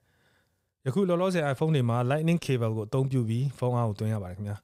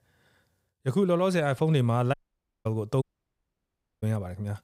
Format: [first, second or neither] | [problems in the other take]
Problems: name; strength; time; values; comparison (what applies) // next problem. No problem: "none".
first | audio cutting out; at 2 s for 0.5 s and at 3 s for 1 s